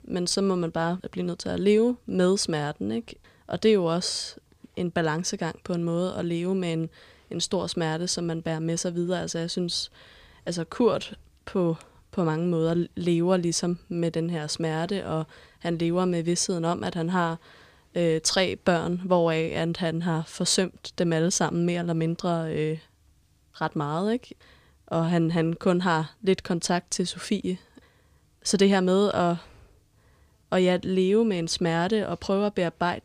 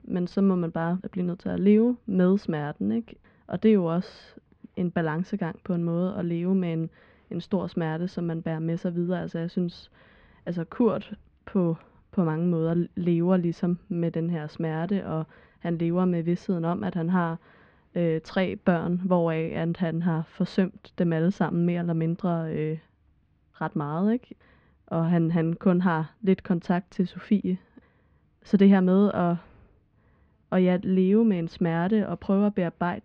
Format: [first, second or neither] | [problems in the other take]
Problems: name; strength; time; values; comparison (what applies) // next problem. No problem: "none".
first | muffled; very; fading above 2.5 kHz